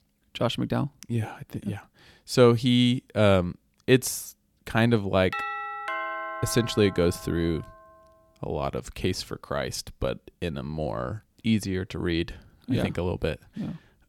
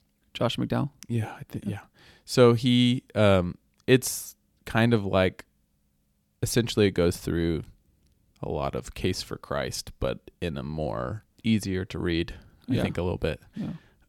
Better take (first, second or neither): second